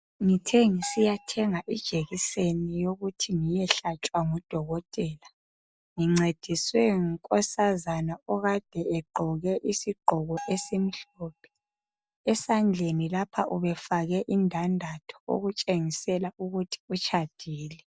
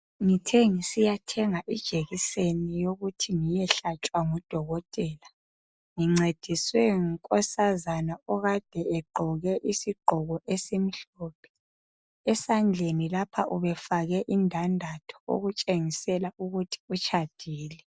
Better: second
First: background sound (Bell); 18 dB below the speech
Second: none

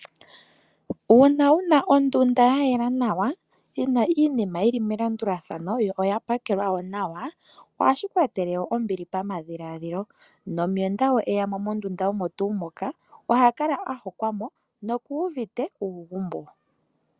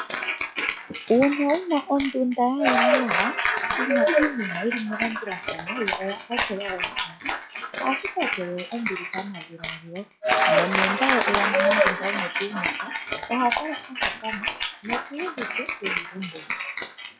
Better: first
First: none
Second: noise reduction (classical method log-MMSE)

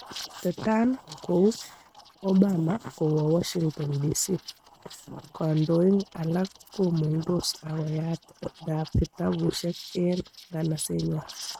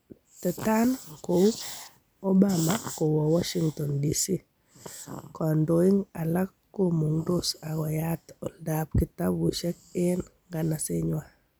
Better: second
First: noise reduction (neural mask model RNNoise)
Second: none

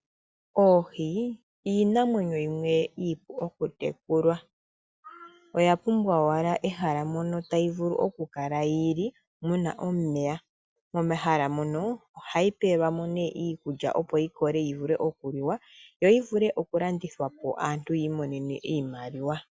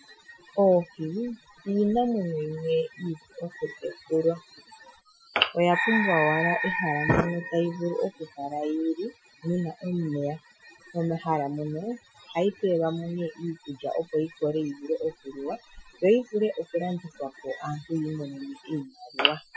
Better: first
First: none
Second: noise reduction (classical method Wiener filter)

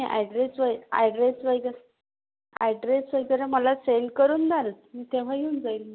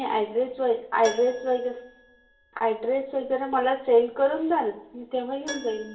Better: first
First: none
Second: background sound (Keyboard (musical)); 19 dB below the speech // room echo; dies away in 0.7 s

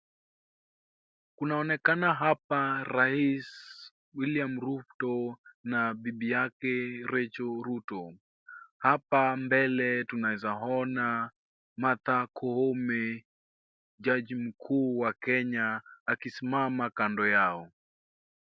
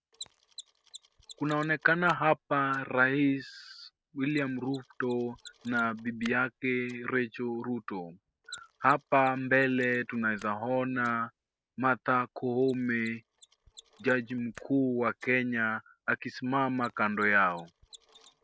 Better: first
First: none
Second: noise reduction (neural mask model RNNoise)

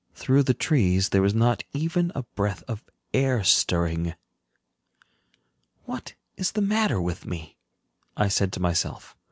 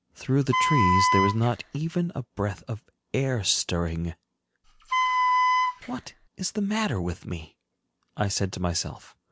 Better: first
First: none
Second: background sound (Wind instrument, woodwind instrument); 4 dB above the speech

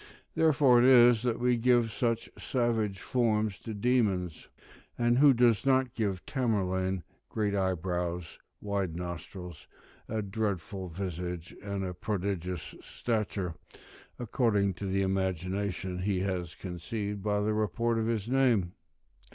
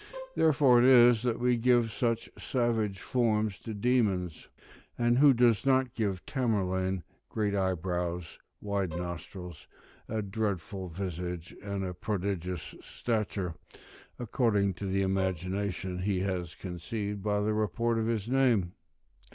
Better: first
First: none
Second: background sound (Bowed string instrument); 18 dB below the speech

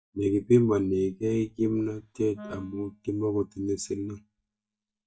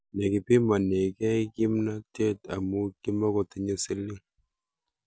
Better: second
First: noise reduction (neural mask model DeepFilterNet 3)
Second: none

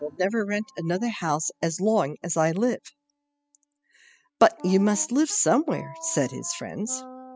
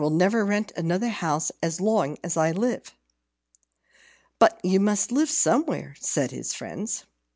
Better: second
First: noise reduction (classical method spectral subtraction)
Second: none

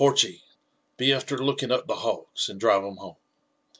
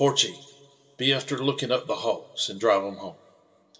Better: first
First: none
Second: room echo; dies away in 1.2 s

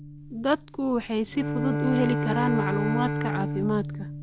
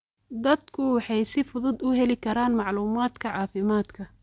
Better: second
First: background sound (Bowed string instrument); 2 dB below the speech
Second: none

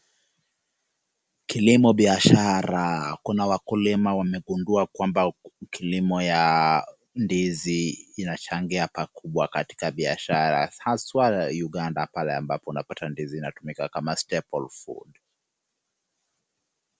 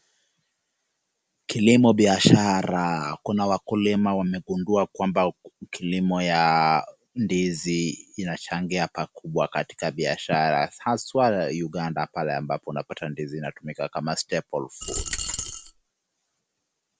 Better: first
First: none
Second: background sound (Coin (dropping)); 7 dB below the speech

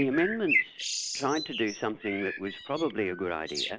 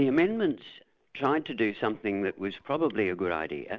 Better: second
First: background sound (Bird); 4 dB below the speech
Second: none

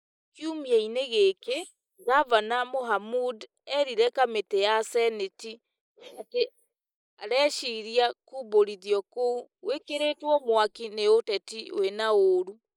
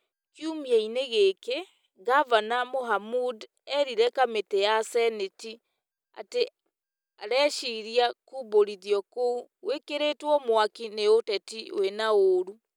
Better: second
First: noise reduction (neural mask model Resemble Enhance denoiser)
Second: none

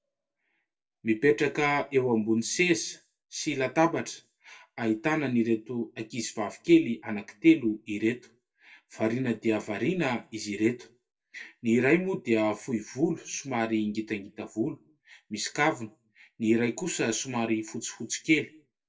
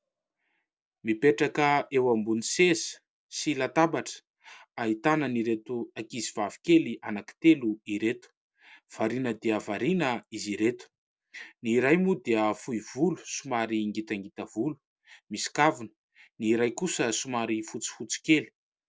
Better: second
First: room echo; dies away in 0.1 s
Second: none

